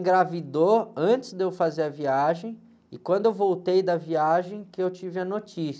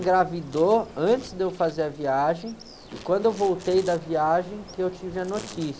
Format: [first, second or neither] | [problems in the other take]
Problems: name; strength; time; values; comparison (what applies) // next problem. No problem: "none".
first | background sound (Insect); 18 dB below the speech